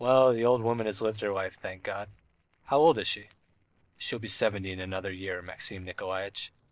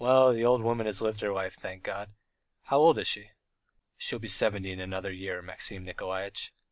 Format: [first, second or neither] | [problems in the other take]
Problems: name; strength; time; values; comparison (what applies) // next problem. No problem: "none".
second | noise reduction (neural separator model SepFormer DNS4)